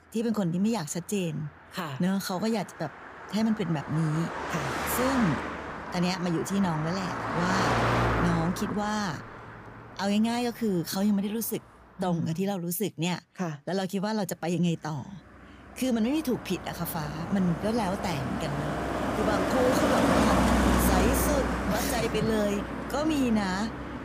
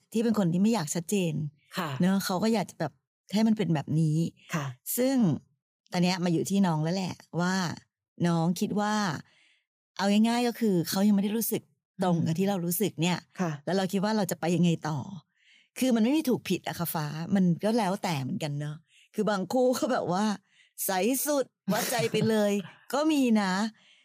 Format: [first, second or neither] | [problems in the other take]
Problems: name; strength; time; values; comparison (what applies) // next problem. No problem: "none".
second | traffic noise; loud; throughout; as loud as the speech